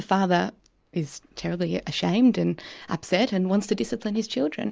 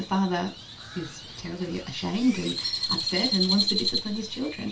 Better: first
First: none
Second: background sound (Crow); 3 dB below the speech // room echo; dies away in 0.2 s

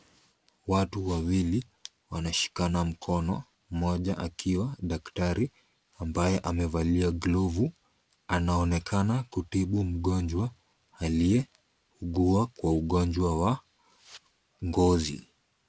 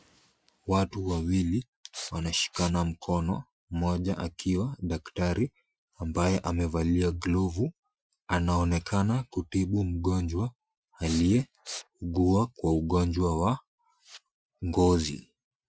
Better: first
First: none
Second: noise reduction (classical method Wiener filter)

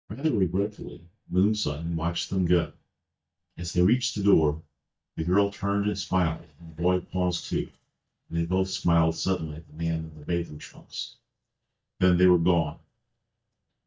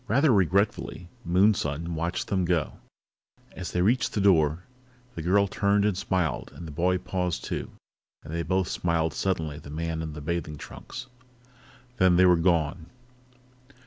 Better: second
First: noise reduction (neural mask model DeepFilterNet 3)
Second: none

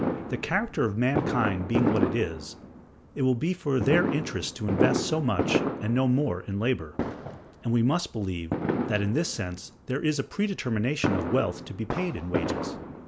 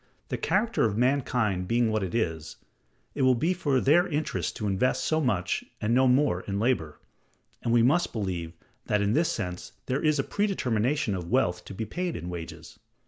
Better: second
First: background sound (Fireworks); 3 dB below the speech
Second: none

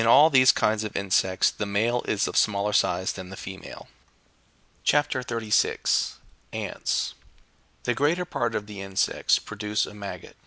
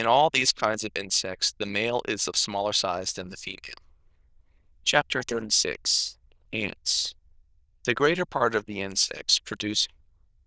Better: first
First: none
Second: noise reduction (neural diffusion model UNIVERSE++)

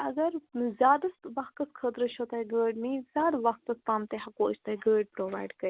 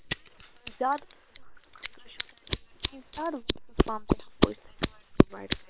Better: first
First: none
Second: noise reduction (neural separator model SepFormer WHAM!)

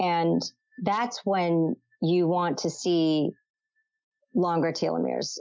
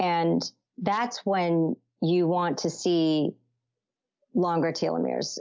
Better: second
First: noise reduction (classical method Wiener filter)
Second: none

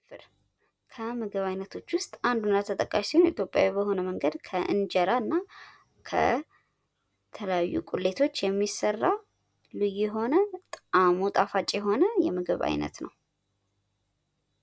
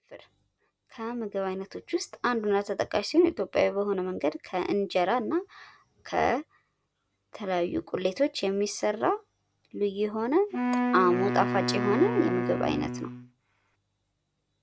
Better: first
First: none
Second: background sound (Wind instrument, woodwind instrument); 1 dB below the speech

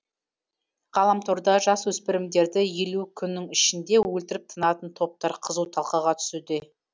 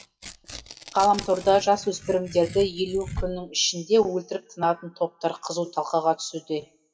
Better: first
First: none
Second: noise reduction (classical method WPE with log-MMSE)

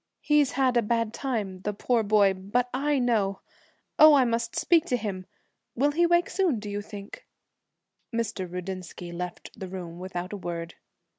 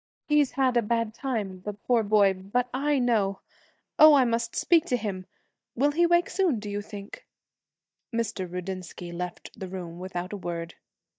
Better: first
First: none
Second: noise reduction (neural mask model DeepFilterNet 3)

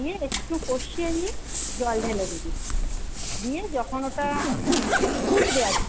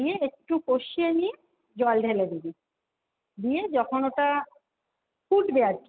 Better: second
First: background sound (Zipper (clothing)); 3 dB above the speech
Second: none

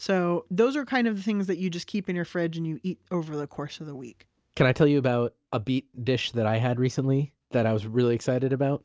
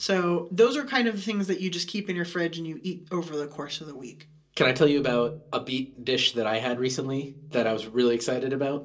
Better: first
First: none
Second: room echo; dies away in 0.2 s

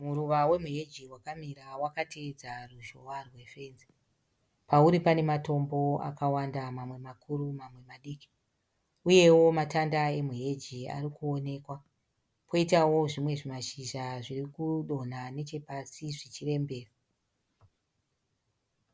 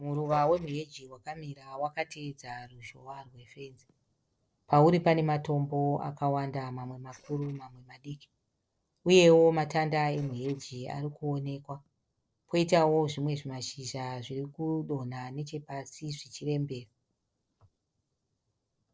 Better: first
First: none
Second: noise reduction (neural separator model SepFormer DNS4)

